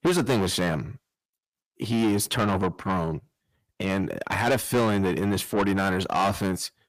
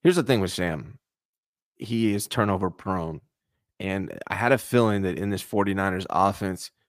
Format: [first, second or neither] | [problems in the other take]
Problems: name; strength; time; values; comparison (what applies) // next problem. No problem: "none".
second | distortion; heavy; 6 dB below the speech